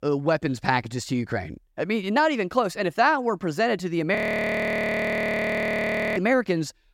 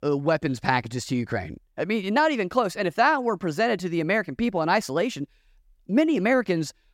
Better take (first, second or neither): second